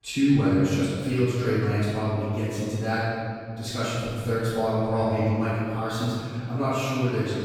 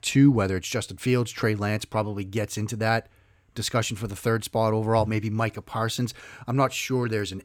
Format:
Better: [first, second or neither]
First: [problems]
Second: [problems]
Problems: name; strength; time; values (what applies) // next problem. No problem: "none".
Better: second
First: off-mic speech; far // room echo; strong; dies away in 2.2 s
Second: none